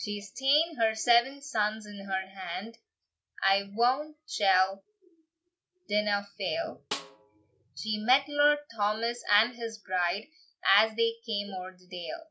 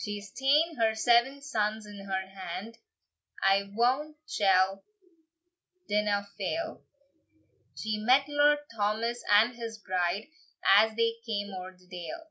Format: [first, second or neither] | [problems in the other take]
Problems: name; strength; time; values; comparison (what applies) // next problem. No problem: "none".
second | background sound (Snare drum); 12 dB below the speech